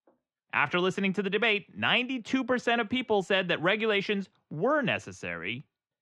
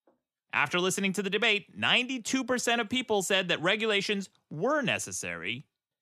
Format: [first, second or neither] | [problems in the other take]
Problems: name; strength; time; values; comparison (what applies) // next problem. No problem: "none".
second | muffled; slightly; fading above 2.5 kHz